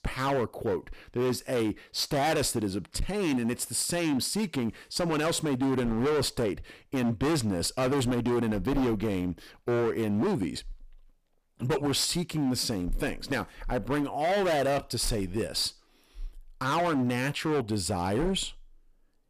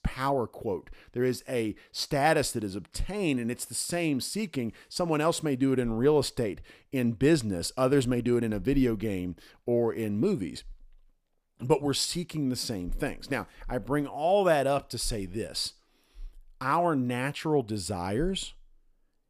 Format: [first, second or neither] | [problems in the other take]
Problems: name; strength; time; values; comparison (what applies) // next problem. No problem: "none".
second | distortion; heavy; 17% of the sound clipped